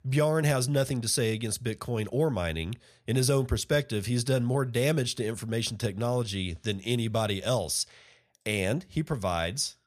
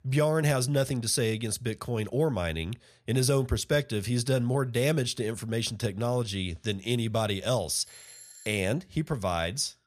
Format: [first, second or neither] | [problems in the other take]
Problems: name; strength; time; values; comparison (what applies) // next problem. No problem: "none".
first | doorbell; faint; at 8 s; peak 15 dB below the speech